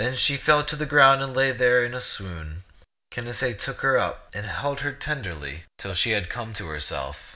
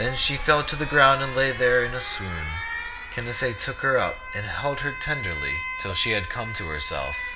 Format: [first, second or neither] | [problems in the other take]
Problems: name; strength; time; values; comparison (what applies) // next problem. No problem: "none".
first | background sound (Alarm); 8 dB below the speech